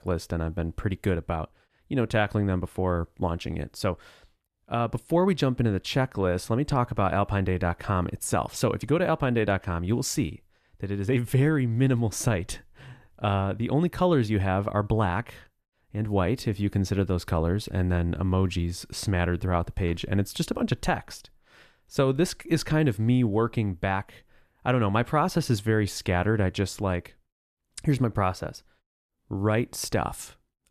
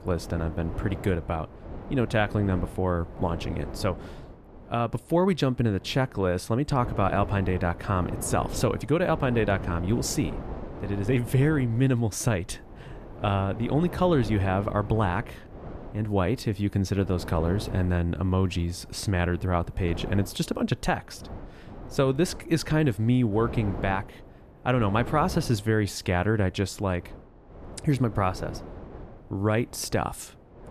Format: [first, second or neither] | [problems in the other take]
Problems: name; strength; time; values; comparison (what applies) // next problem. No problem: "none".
first | wind noise on the microphone; occasional gusts; 15 dB below the speech